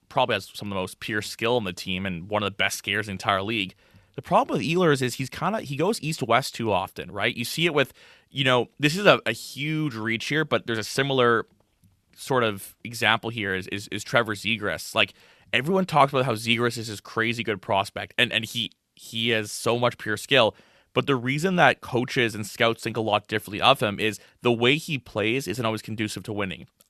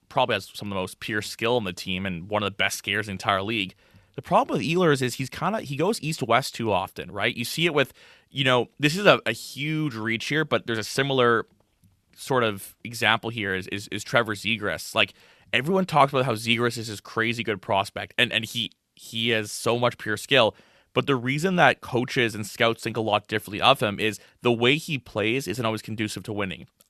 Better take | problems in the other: neither | none

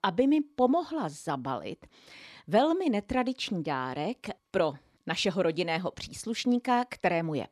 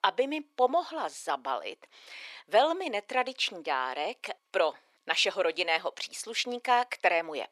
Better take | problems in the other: first | thin; very; fading below 500 Hz

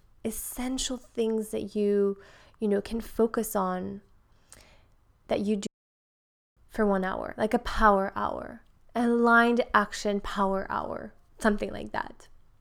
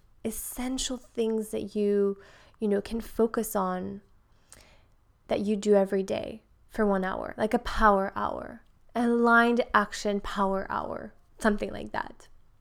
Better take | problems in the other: second | audio cutting out; at 5.5 s for 1 s

